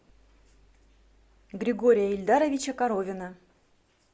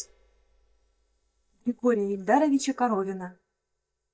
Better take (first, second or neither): first